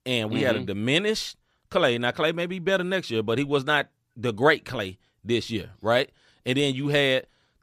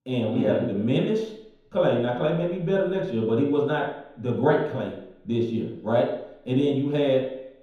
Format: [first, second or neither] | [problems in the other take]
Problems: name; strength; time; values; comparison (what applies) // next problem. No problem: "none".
first | room echo; noticeable; dies away in 3 s // off-mic speech; far